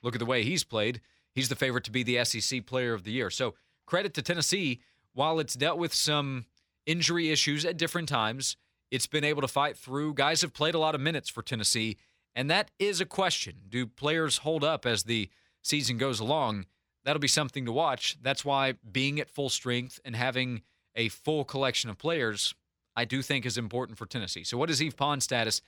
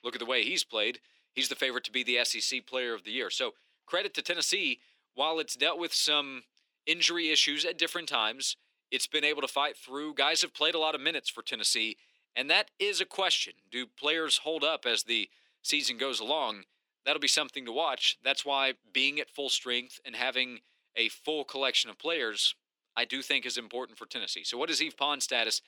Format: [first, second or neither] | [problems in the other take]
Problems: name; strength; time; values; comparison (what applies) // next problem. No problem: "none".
first | thin; somewhat; fading below 300 Hz